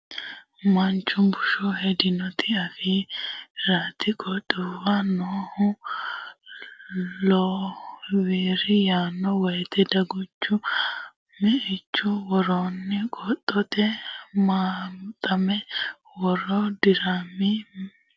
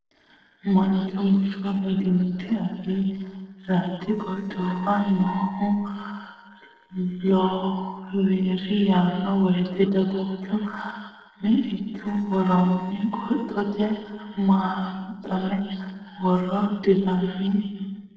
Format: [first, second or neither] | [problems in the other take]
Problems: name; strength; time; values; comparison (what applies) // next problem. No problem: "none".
first | noise reduction (neural separator model SepFormer DNS4)